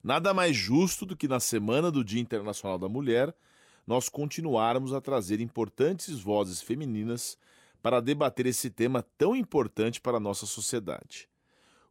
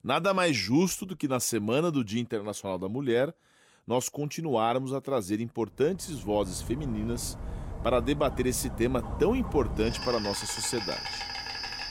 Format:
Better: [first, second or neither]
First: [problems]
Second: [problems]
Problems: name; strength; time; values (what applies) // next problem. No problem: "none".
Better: first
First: none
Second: animal sounds; loud; from 6.5 s on; 7 dB below the speech